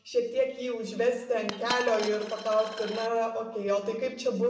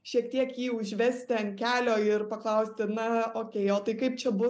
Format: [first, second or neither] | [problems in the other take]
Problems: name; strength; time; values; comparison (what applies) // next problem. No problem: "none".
second | background sound (Coin (dropping)); 14 dB below the speech // room echo; dies away in 0.9 s